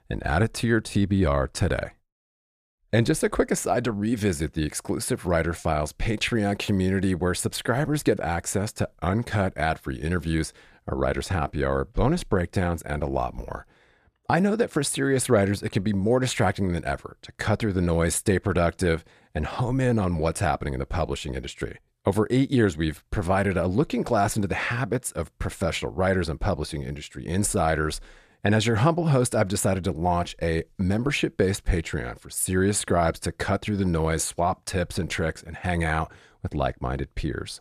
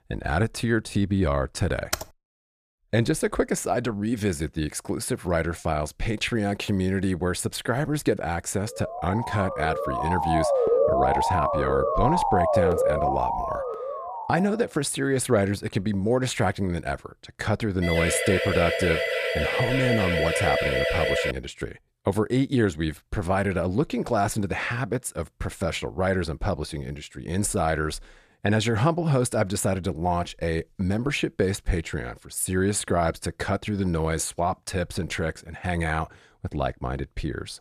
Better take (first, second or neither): first